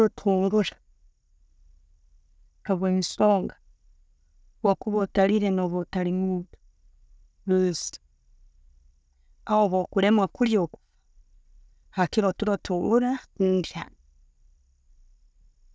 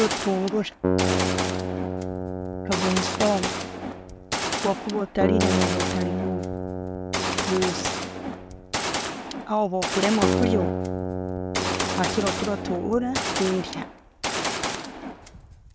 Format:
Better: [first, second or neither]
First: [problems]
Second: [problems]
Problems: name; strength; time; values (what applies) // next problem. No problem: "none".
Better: first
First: none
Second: background sound (Gunshot, gunfire + Keyboard (musical)); 2 dB above the speech